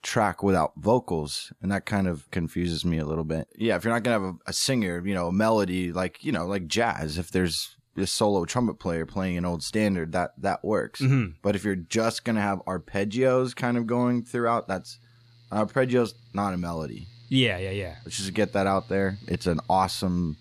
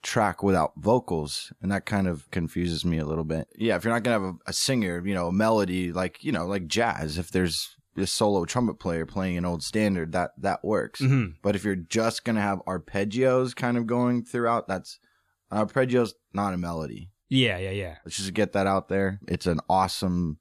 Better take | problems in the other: second | machinery noise; faint; throughout; 25 dB below the speech

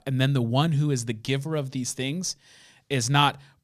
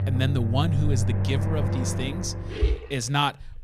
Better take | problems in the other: first | household noises; very loud; throughout; 1 dB above the speech

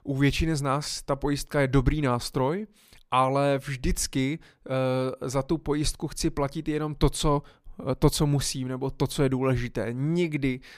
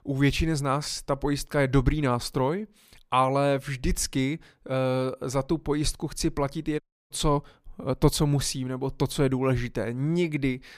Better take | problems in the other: first | audio cutting out; at 7 s

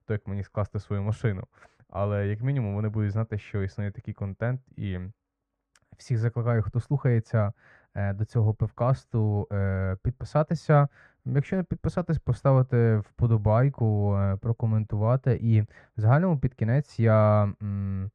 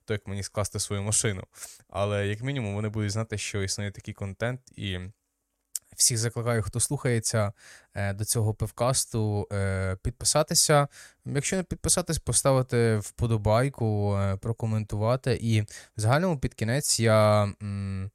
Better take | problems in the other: second | muffled; very; fading above 1.5 kHz

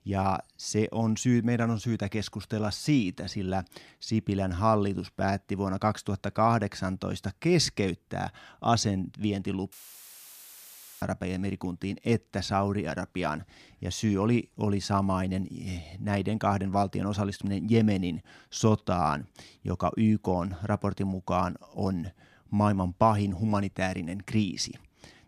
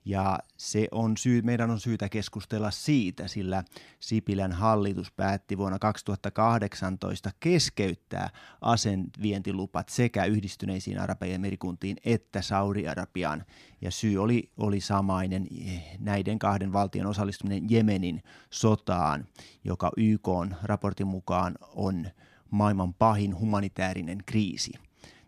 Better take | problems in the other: second | audio cutting out; filled with static; at 9.5 s for 1.5 s

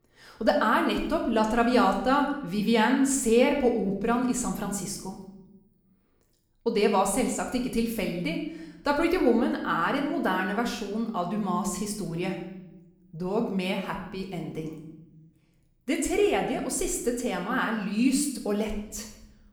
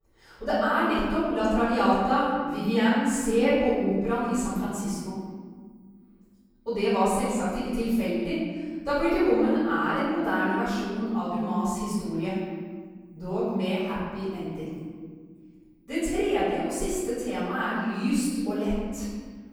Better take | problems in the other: first | room echo; strong; dies away in 1.7 s; slight in the first // off-mic speech; far; somewhat distant in the first

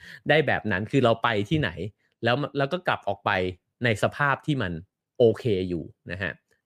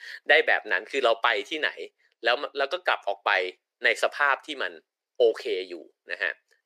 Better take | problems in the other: first | thin; very; fading below 400 Hz

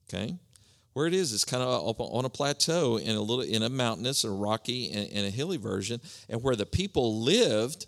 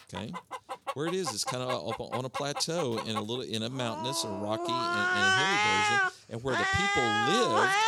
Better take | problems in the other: first | animal sounds; very loud; throughout; 4 dB above the speech

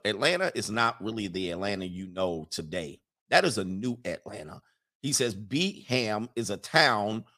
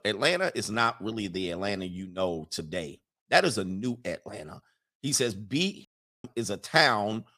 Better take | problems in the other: first | audio cutting out; at 6 s

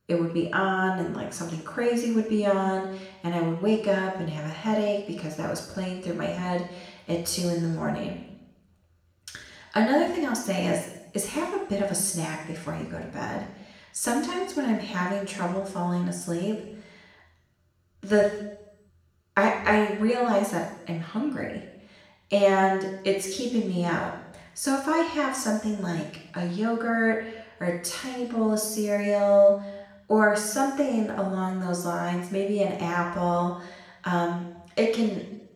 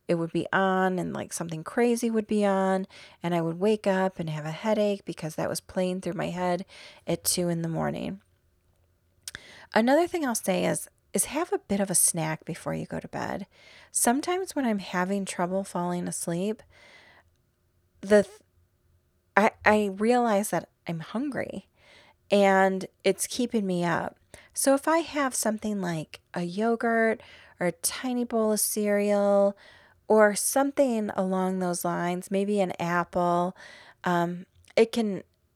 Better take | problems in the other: second | room echo; noticeable; dies away in 0.9 s // off-mic speech; somewhat distant

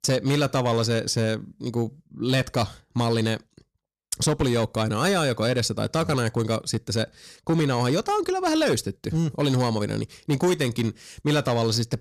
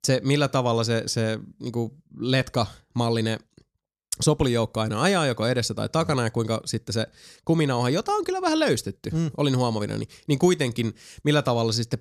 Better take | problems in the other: second | distortion; slight; 8% of the sound clipped

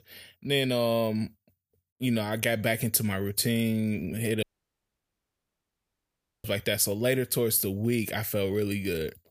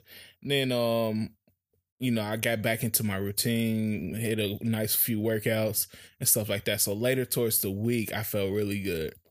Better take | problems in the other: second | audio cutting out; at 4.5 s for 2 s

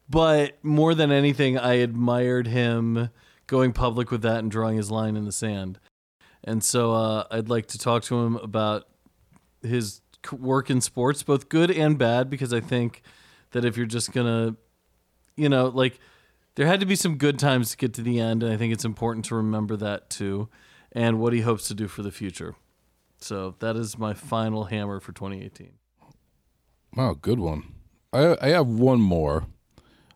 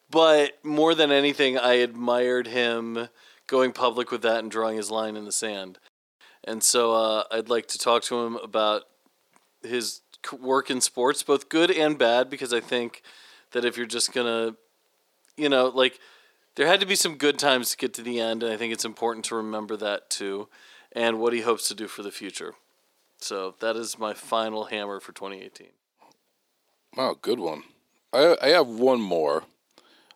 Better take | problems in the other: first | thin; somewhat; fading below 350 Hz

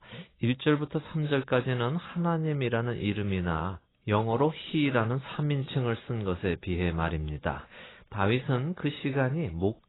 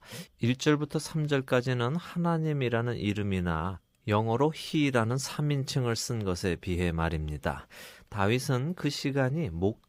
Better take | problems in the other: second | garbled, watery; badly; nothing above 4 kHz

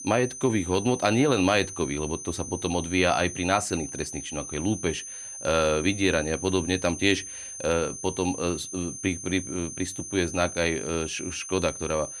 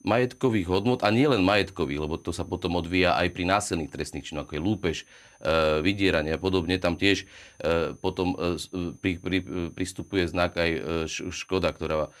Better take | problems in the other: second | high-pitched whine; loud; throughout; 6.5 kHz, 9 dB below the speech; faint in the second

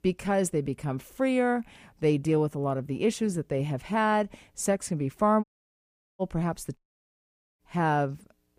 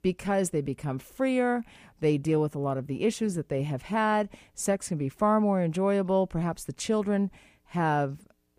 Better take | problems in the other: second | audio cutting out; at 5.5 s for 1 s and at 7 s for 1 s

